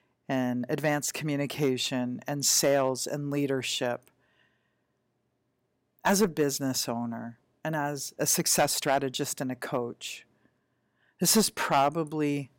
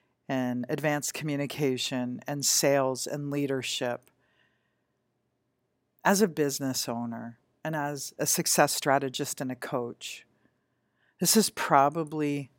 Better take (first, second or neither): second